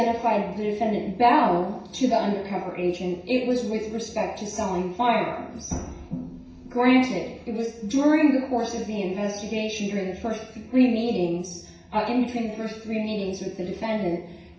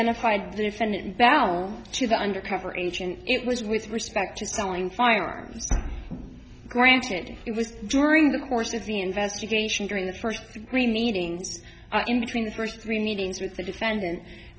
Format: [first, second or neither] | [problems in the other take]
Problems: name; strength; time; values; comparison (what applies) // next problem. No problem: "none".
second | room echo; dies away in 0.6 s